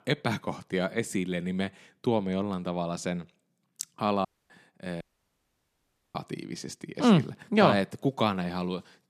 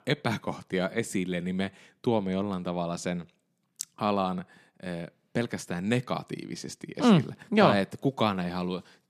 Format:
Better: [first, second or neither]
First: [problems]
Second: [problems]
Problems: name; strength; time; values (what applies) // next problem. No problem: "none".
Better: second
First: audio cutting out; at 4.5 s and at 5 s for 1 s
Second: none